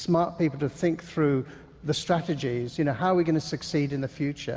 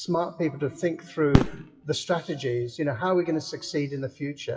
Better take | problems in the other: first | noise reduction (classical method WPE with log-MMSE)

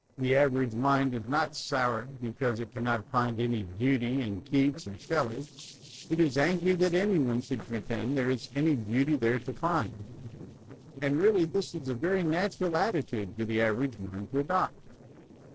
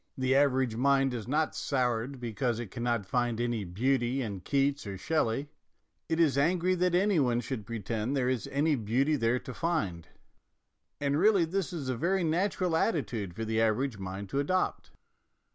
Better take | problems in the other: second | noise reduction (neural separator model SepFormer DNS4)

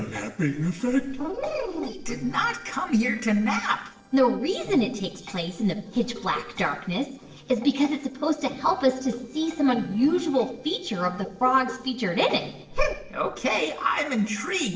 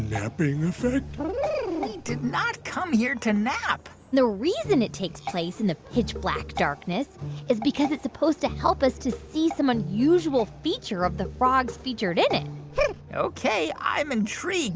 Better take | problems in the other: second | noise reduction (neural separator model SepFormer DNS4)

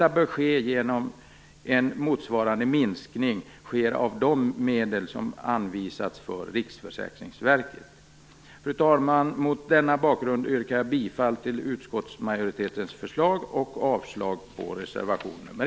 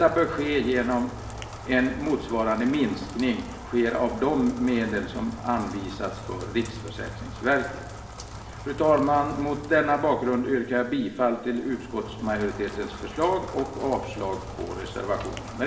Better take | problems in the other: first | background sound (Rain); 12 dB below the speech // room echo; dies away in 1.1 s

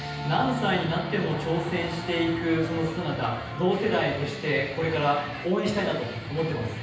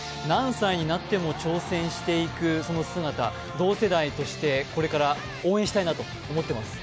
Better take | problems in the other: second | room echo; dies away in 0.9 s

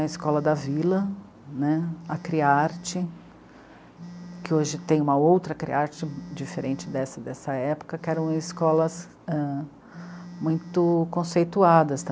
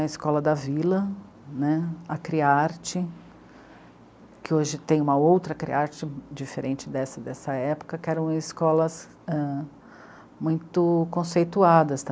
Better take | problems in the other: second | background sound (Telephone); 17 dB below the speech

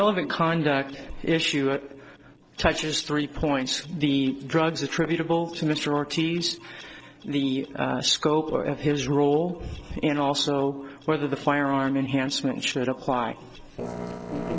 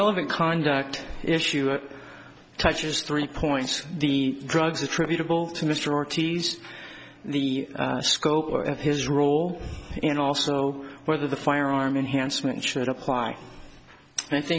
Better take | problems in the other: second | noise reduction (neural separator model SepFormer DNS4)

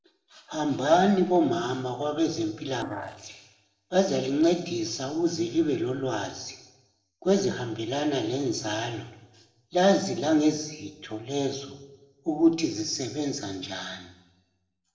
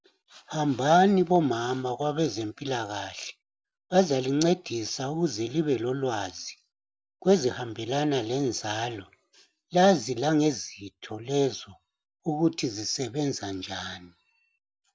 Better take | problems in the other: second | noise reduction (neural separator model SepFormer DNS4)

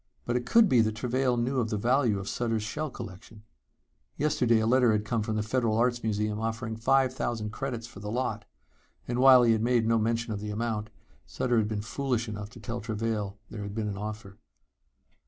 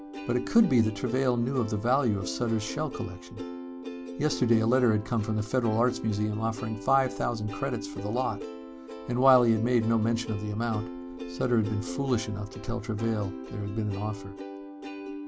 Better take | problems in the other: first | background sound (Plucked string instrument); 11 dB below the speech

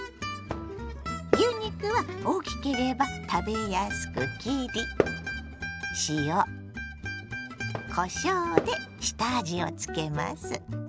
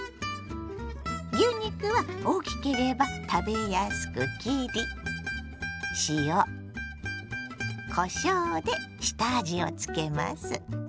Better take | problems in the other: second | background sound (Fireworks); 7 dB below the speech

